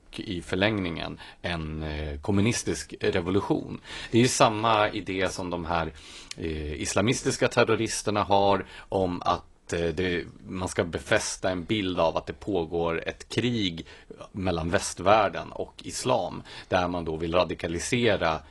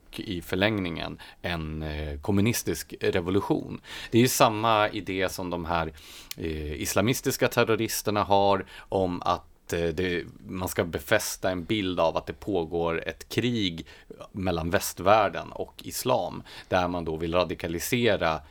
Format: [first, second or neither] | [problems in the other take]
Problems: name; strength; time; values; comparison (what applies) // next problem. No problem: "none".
second | garbled, watery; slightly; nothing above 11 kHz